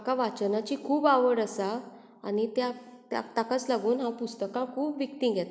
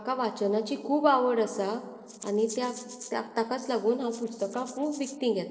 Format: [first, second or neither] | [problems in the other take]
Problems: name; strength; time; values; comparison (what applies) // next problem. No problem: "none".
first | noise reduction (neural separator model SepFormer DNS4)